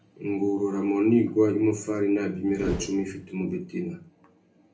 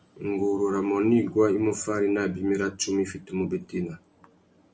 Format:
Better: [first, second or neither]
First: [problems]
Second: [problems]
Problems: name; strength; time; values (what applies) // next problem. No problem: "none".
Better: second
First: background sound (Whoosh, swoosh, swish); 9 dB below the speech // room echo; dies away in 0.3 s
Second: none